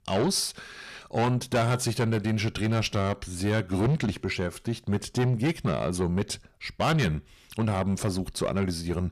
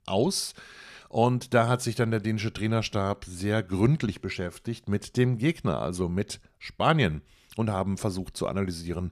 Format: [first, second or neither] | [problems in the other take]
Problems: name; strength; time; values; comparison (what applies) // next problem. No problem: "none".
second | distortion; heavy; 8 dB below the speech